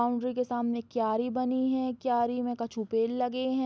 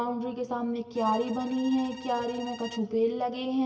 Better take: first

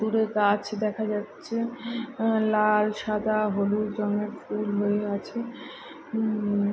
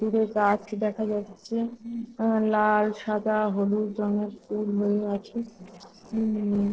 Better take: first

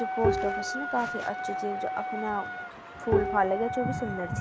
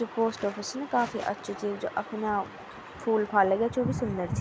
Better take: second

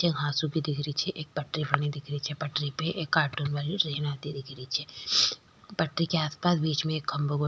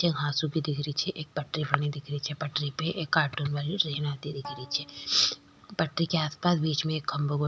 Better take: first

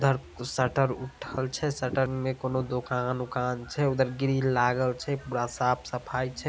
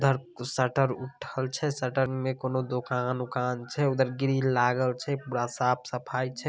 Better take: second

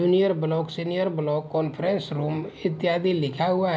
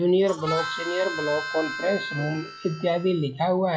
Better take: first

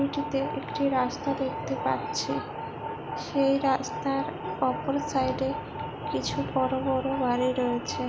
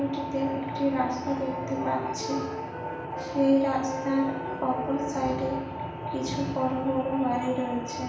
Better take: first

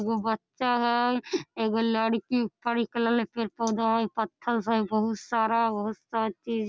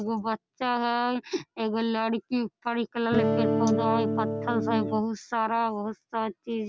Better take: first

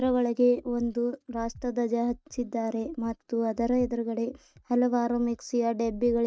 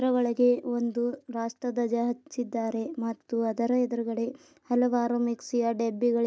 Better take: second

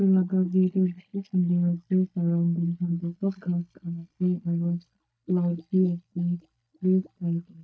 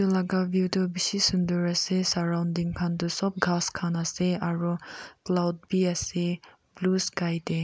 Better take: second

